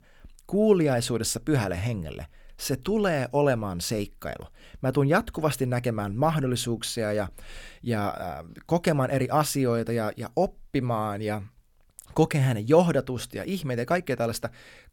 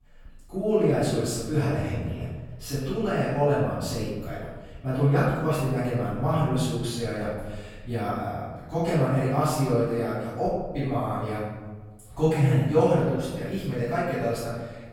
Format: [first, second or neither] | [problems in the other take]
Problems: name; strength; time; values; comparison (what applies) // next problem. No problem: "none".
first | off-mic speech; far // room echo; strong; dies away in 1.2 s